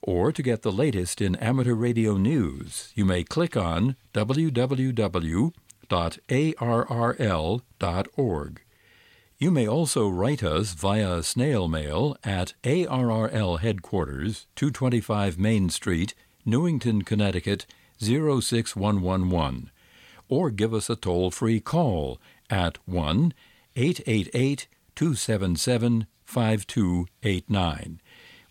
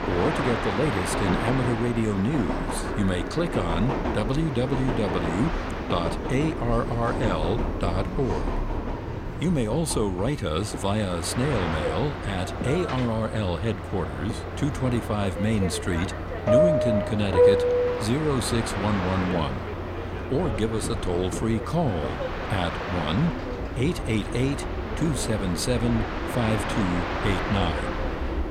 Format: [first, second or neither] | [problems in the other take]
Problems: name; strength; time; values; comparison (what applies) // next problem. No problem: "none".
first | train or aircraft noise; loud; throughout; 2 dB below the speech